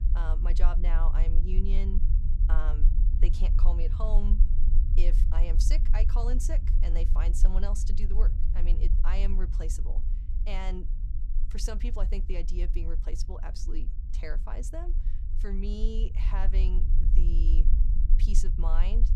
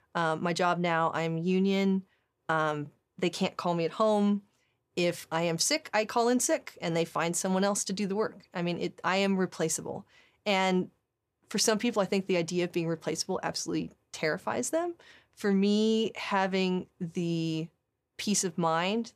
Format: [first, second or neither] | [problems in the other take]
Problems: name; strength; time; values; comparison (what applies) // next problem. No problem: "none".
second | low rumble; loud; throughout; 8 dB below the speech